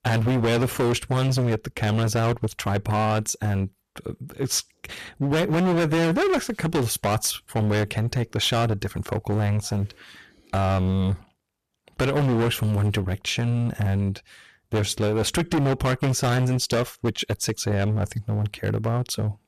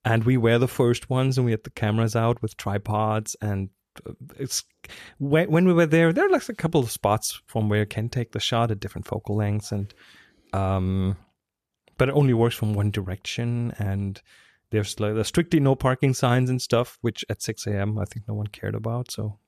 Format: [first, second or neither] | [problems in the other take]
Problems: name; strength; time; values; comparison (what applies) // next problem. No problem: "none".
second | distortion; heavy; 19% of the sound clipped